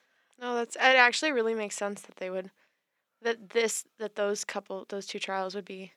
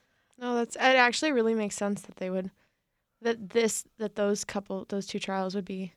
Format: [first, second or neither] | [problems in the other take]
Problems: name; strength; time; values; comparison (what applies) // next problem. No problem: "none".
second | thin; somewhat; fading below 300 Hz